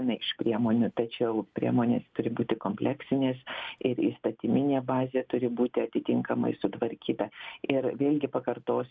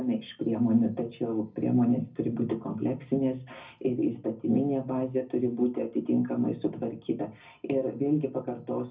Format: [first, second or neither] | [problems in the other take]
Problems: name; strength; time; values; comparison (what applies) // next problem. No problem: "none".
first | room echo; dies away in 0.4 s